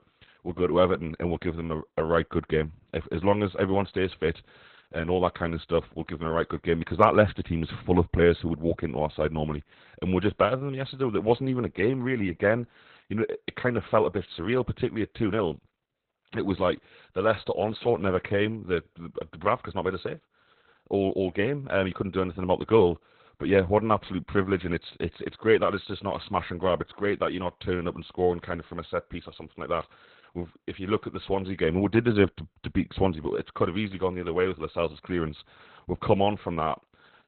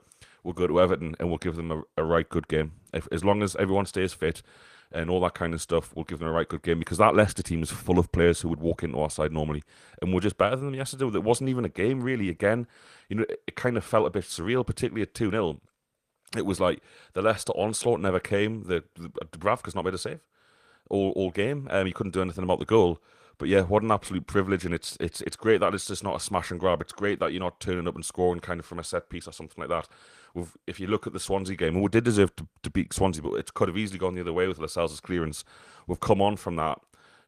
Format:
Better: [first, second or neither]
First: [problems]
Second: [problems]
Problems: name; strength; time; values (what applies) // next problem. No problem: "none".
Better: second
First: garbled, watery; badly; nothing above 4 kHz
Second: garbled, watery; slightly; nothing above 14.5 kHz